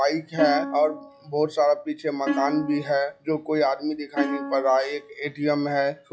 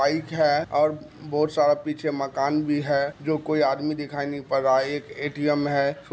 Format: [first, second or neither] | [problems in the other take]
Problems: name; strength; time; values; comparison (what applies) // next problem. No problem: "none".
second | noise reduction (classical method log-MMSE)